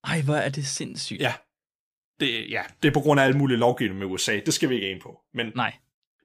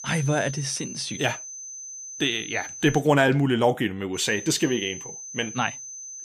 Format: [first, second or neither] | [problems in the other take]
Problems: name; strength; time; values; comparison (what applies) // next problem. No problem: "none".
first | high-pitched whine; noticeable; until 3 s and from 4 s on; 6 kHz, 10 dB below the speech